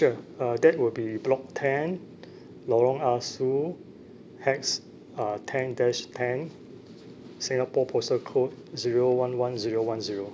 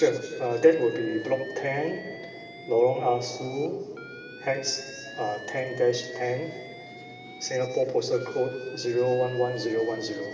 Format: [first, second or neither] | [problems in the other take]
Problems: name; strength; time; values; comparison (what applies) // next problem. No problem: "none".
first | background sound (Alarm); 16 dB below the speech // room echo; dies away in 2.2 s